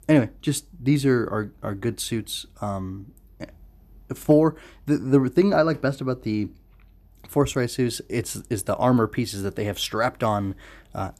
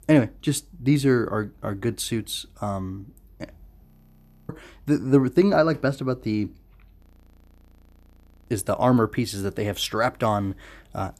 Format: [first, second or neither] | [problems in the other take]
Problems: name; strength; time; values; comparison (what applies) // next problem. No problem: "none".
first | audio freezing; at 4 s for 0.5 s and at 7 s for 1.5 s